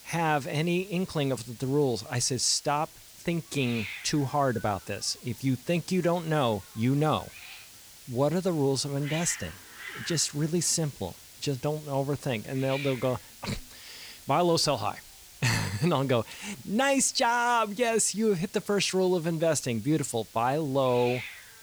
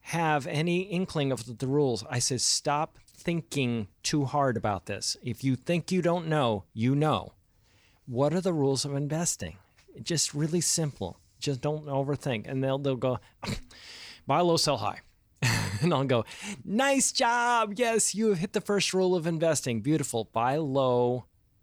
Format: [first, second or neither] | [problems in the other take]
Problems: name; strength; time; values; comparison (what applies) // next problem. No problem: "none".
second | hiss; noticeable; throughout; 15 dB below the speech